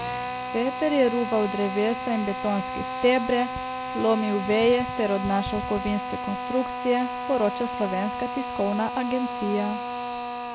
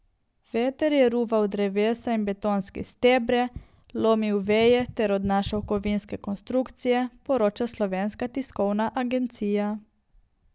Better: second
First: background sound (Drill); 5 dB below the speech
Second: none

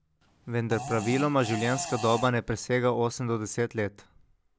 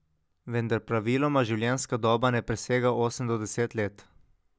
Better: second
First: background sound (Fart); 11 dB below the speech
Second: none

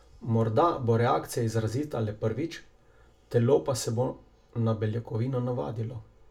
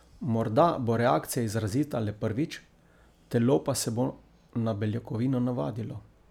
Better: second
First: room echo; dies away in 0.2 s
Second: none

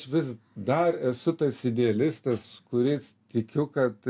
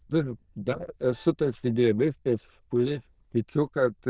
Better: first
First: none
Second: noise reduction (neural diffusion model UNIVERSE++)

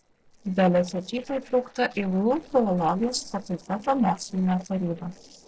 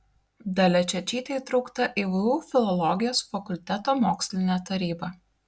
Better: second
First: noise reduction (neural separator model SepFormer DNS4)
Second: none

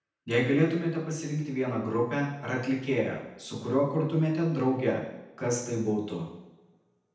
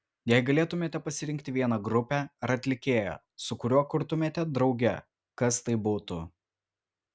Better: second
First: room echo; dies away in 0.9 s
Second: none

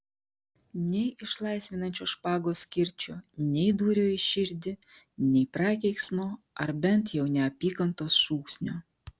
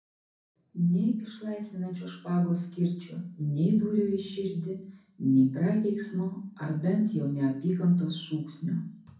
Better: first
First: none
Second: room echo; dies away in 0.6 s

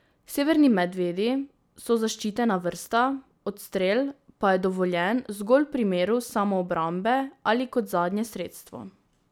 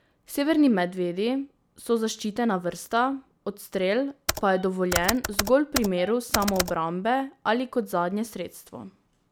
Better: first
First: none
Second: background sound (Computer keyboard); 5 dB below the speech

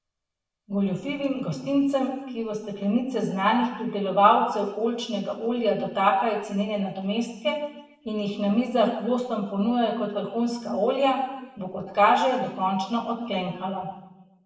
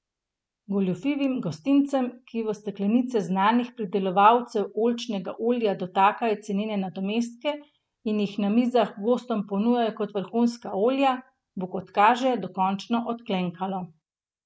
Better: second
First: room echo; dies away in 1 s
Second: none

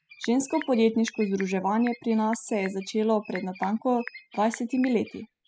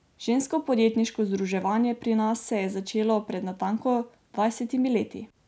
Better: second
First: noise reduction (classical method spectral subtraction)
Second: none

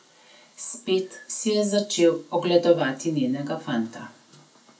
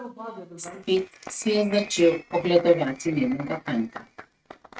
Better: first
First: none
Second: noise reduction (neural mask model RNNoise)

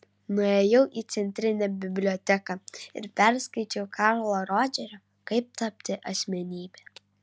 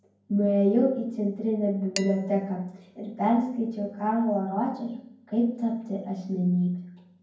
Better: first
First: none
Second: background sound (Dishes, pots, and pans); 17 dB below the speech // room echo; dies away in 0.9 s

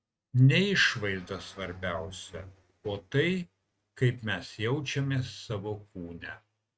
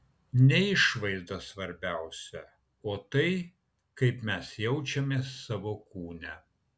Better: second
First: noise reduction (neural mask model RNNoise)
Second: none

